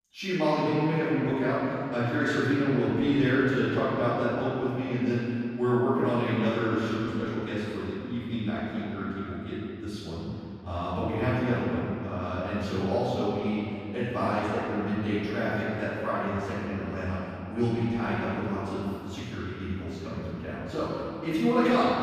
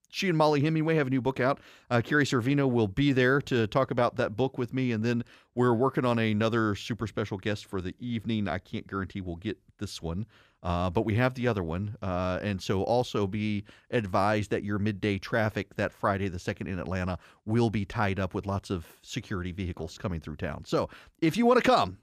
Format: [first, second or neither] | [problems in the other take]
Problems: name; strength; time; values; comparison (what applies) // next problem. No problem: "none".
second | off-mic speech; far // room echo; strong; dies away in 2.5 s